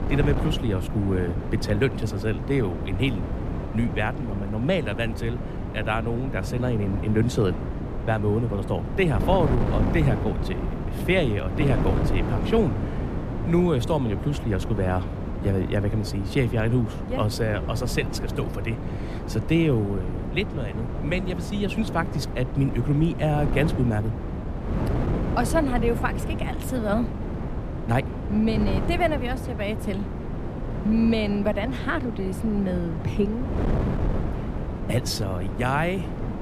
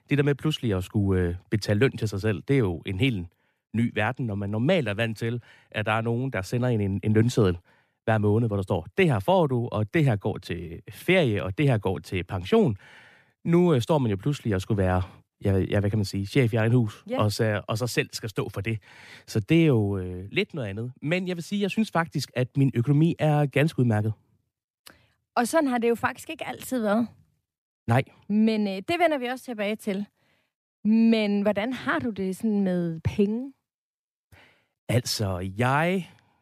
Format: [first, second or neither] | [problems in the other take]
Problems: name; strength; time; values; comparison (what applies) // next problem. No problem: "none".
second | wind noise on the microphone; heavy; 7 dB below the speech